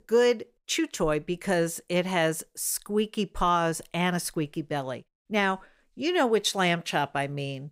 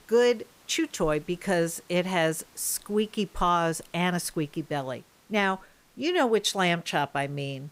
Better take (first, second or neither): first